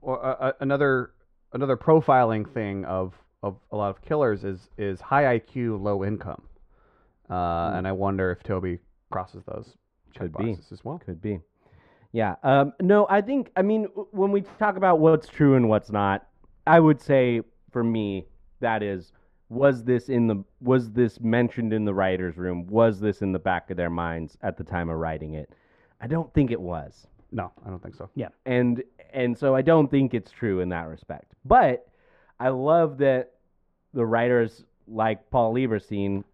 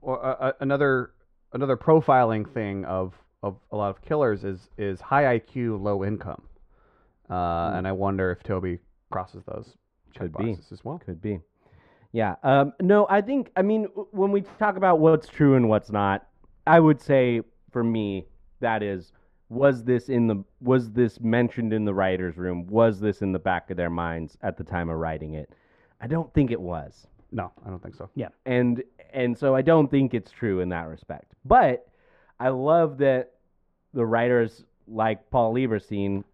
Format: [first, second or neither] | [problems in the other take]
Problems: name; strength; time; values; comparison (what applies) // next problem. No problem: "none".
neither | muffled; very; fading above 3 kHz; the same in both